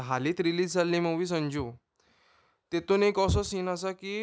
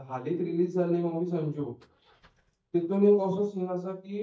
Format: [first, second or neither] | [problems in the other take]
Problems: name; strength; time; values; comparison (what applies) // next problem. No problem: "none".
first | noise reduction (neural mask model DeepFilterNet 3)